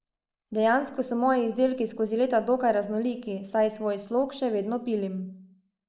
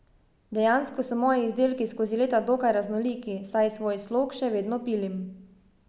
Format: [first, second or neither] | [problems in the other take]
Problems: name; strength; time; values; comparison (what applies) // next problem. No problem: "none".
second | noise reduction (neural mask model Resemble Enhance denoiser)